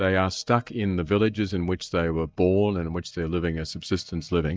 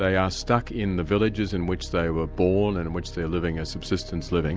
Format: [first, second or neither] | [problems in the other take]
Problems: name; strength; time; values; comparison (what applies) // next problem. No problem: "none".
second | noise reduction (neural mask model DeepFilterNet 3)